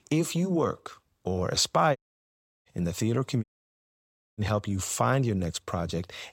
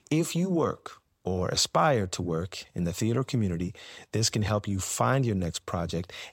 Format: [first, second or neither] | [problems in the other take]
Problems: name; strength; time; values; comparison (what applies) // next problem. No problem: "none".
second | audio cutting out; at 2 s for 0.5 s and at 3.5 s for 1 s